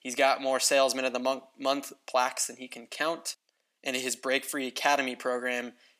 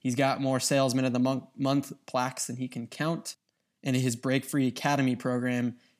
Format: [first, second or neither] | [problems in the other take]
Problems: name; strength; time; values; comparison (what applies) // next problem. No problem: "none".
second | thin; somewhat; fading below 450 Hz